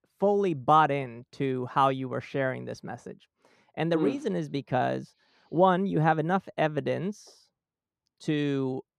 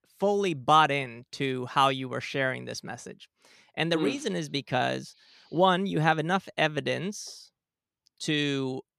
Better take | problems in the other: second | muffled; slightly; fading above 2 kHz

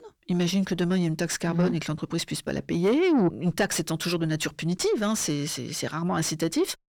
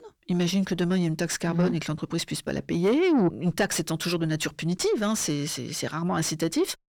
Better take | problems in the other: neither | distortion; slight; 10 dB below the speech; the same in both

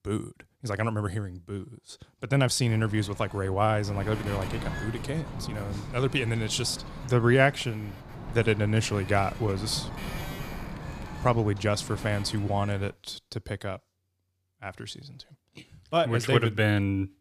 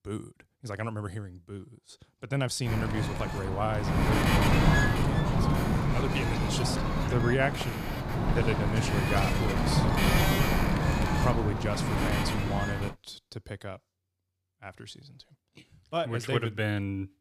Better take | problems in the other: first | wind noise on the microphone; heavy; from 2.5 to 13 s; 4 dB above the speech; occasional gusts in the first

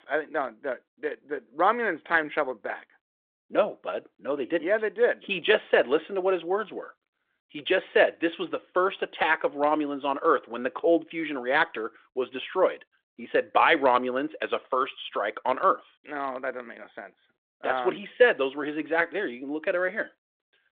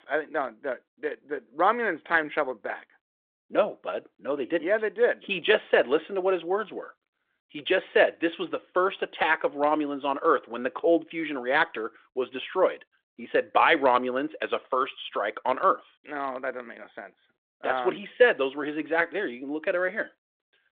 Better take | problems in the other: neither | phone-call audio; the same in both

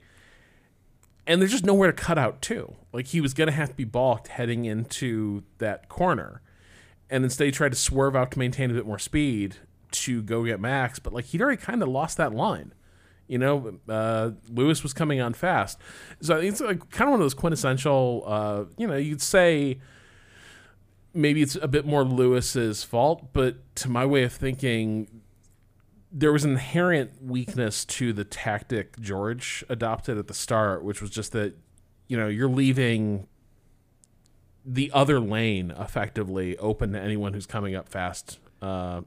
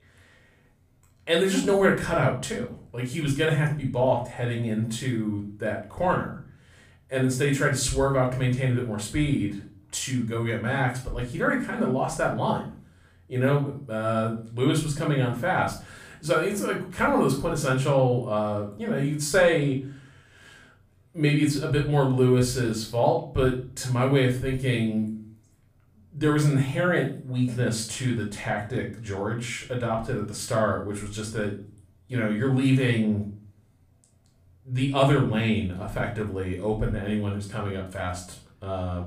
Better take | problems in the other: first | room echo; slight; dies away in 0.4 s // off-mic speech; somewhat distant

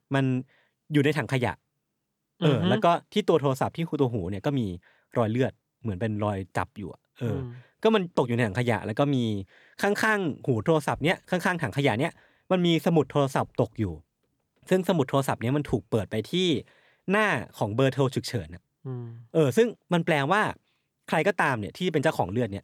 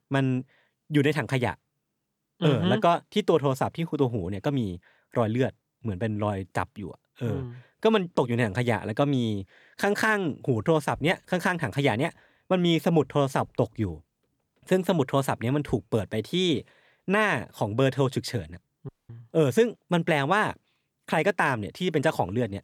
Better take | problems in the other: first | audio cutting out; at 19 s

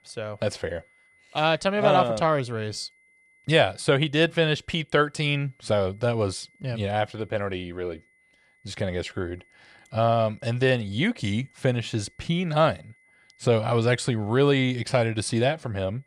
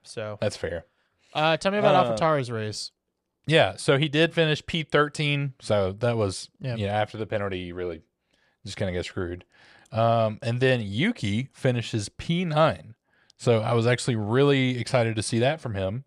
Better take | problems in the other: second | high-pitched whine; faint; throughout; 2 kHz, 35 dB below the speech

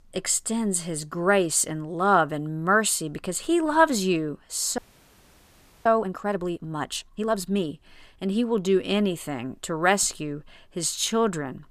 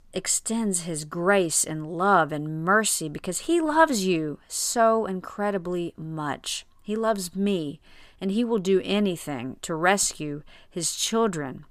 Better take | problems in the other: second | audio freezing; at 5 s for 1 s

